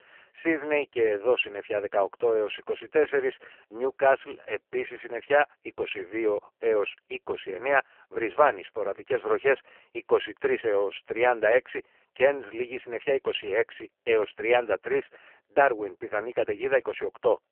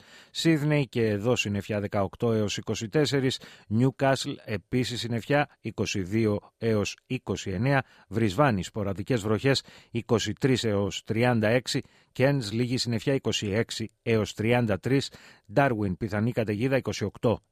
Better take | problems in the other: second | phone-call audio; poor line; nothing above 3 kHz

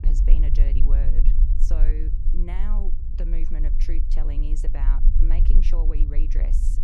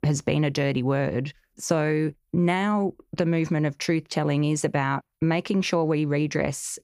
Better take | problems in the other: second | low rumble; loud; throughout; 4 dB below the speech

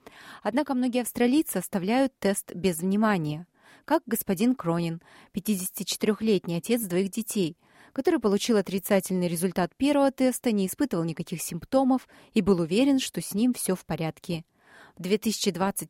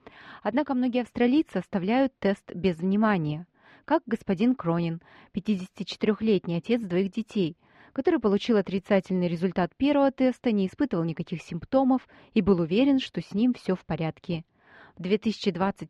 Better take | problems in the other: first | muffled; slightly; fading above 3.5 kHz

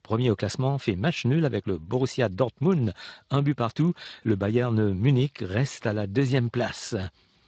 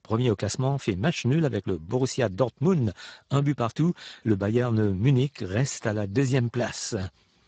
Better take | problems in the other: first | garbled, watery; badly; nothing above 8 kHz; slightly in the first

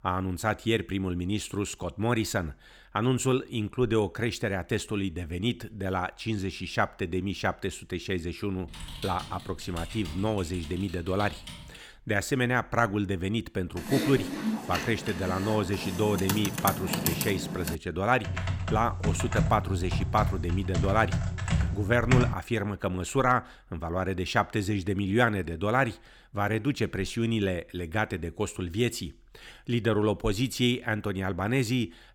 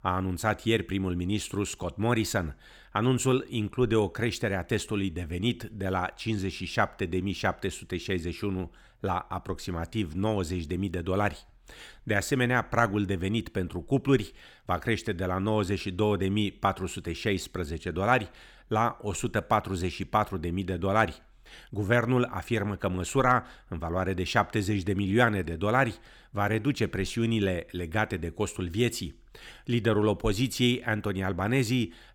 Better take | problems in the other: second | keyboard typing; noticeable; from 8.5 to 12 s; peak 10 dB below the speech // keyboard typing; loud; from 14 to 18 s and from 18 to 22 s; peak 2 dB above the speech

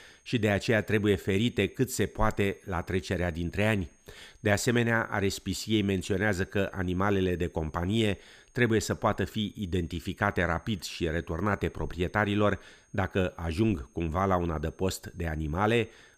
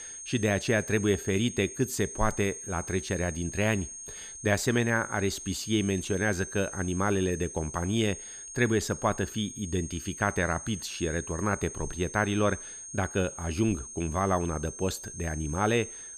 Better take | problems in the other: first | high-pitched whine; loud; throughout; 6.5 kHz, 10 dB below the speech; faint in the first

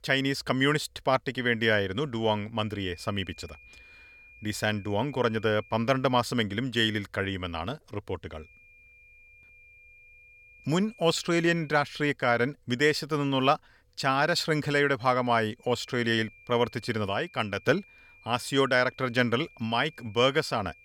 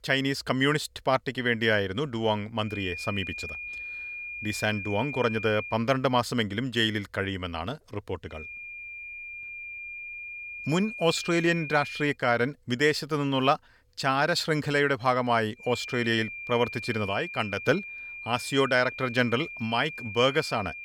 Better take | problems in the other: first | high-pitched whine; loud; from 2.5 to 5.5 s, from 8.5 to 12 s and from 16 s on; 2.5 kHz, 9 dB below the speech; faint in the first

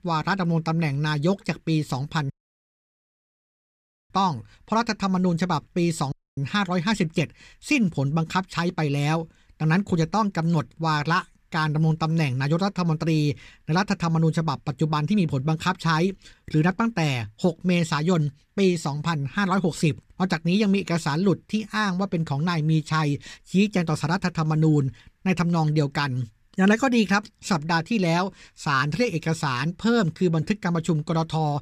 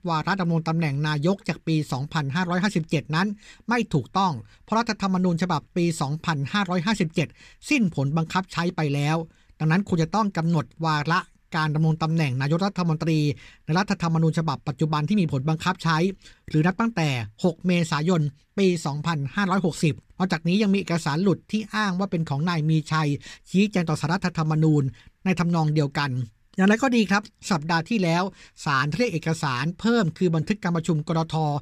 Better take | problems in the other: second | audio cutting out; at 2.5 s for 2 s and at 6 s

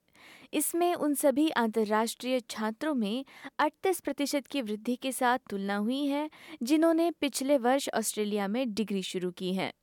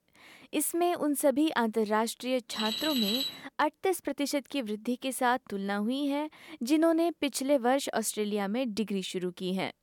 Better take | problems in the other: first | alarm; loud; at 2.5 s; peak 1 dB above the speech

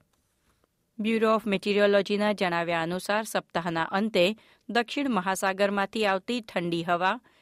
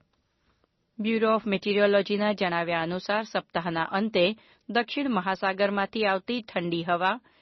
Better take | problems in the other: first | garbled, watery; slightly; nothing above 6 kHz

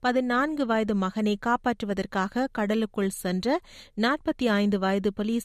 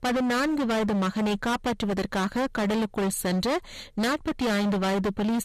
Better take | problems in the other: first | distortion; heavy; 38% of the sound clipped

